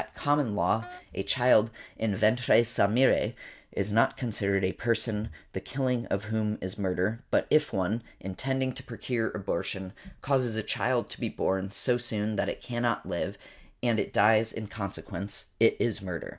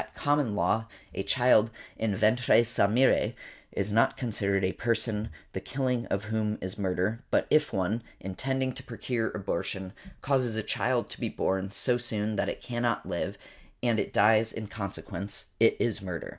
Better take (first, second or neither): second